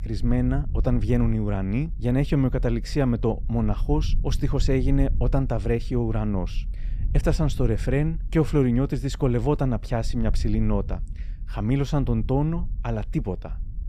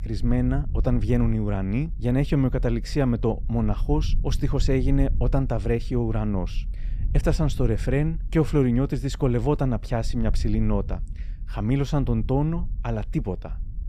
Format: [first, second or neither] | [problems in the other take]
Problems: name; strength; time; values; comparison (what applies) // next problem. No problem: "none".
neither | low rumble; faint; throughout; 20 dB below the speech; the same in both